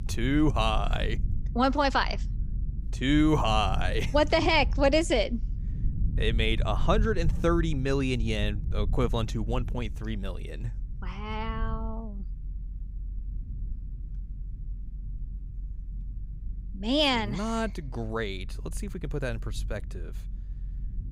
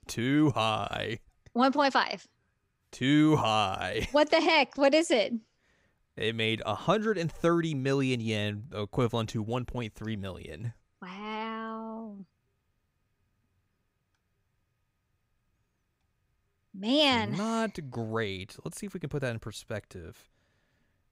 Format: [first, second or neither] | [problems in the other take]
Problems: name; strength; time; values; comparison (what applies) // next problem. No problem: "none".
second | low rumble; faint; throughout; 25 dB below the speech